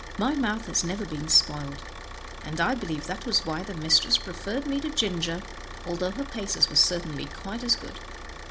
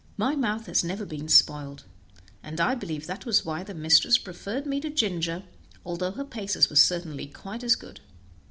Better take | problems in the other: second | background sound (Idling / Car); 10 dB below the speech

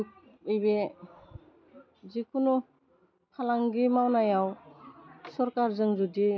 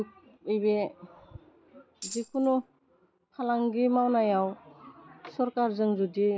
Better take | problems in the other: first | background sound (Tambourine); 14 dB below the speech

